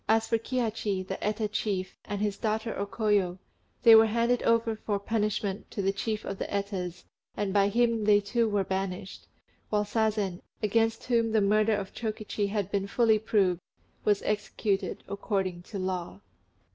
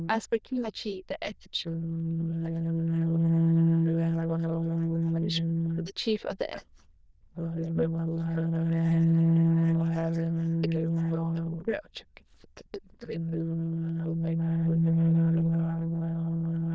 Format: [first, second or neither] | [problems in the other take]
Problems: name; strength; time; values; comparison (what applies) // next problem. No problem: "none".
first | noise reduction (neural diffusion model UNIVERSE++)